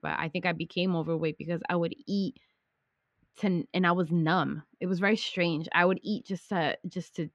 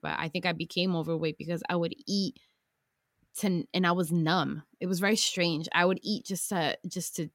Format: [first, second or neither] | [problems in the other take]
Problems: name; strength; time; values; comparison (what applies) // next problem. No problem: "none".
second | muffled; slightly; fading above 2.5 kHz